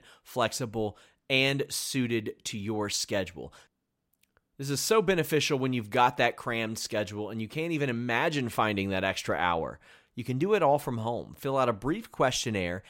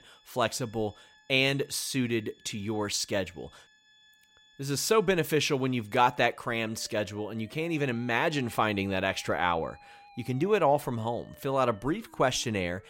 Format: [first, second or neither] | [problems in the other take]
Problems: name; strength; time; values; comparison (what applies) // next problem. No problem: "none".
first | background music; faint; throughout; 25 dB below the speech